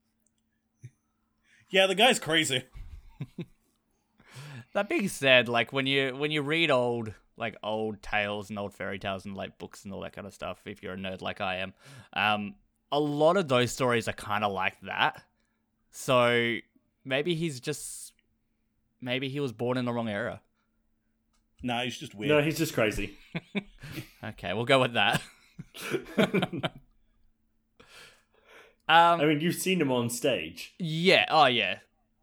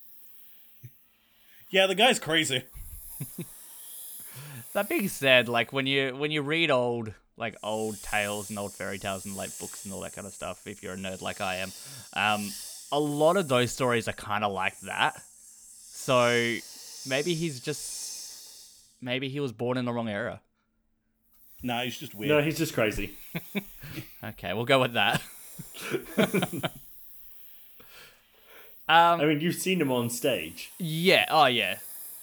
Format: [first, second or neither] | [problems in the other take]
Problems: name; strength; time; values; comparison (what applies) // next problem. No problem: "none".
first | hiss; noticeable; throughout; 15 dB below the speech